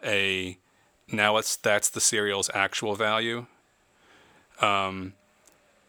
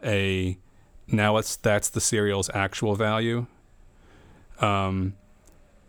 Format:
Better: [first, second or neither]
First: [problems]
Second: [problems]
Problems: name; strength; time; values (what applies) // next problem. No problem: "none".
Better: second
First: thin; somewhat; fading below 1 kHz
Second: none